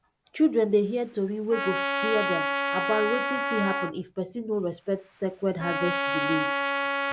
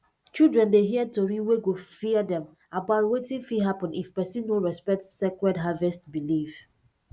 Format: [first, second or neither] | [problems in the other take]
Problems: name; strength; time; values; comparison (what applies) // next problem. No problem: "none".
second | background sound (Trumpet); 2 dB below the speech